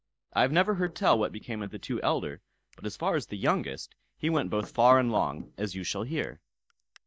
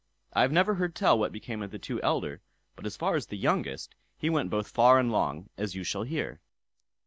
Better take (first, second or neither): second